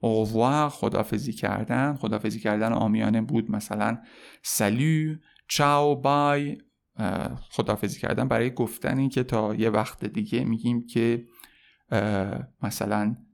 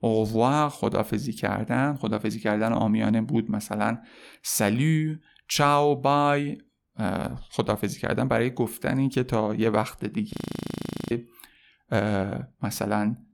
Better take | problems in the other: first | audio freezing; at 10 s for 1 s

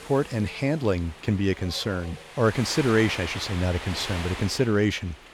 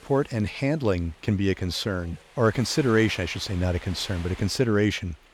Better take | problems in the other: second | wind noise on the microphone; heavy; 8 dB below the speech; occasional gusts in the second

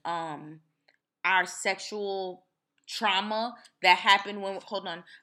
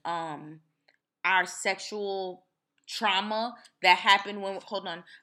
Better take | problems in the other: neither | none

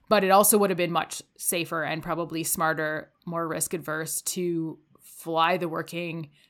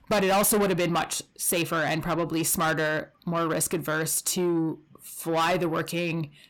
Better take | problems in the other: first | distortion; heavy; 6 dB below the speech

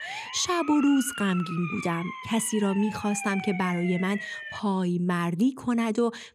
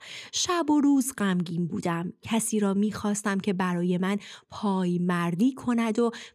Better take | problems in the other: second | siren; noticeable; until 4.5 s; peak 8 dB below the speech

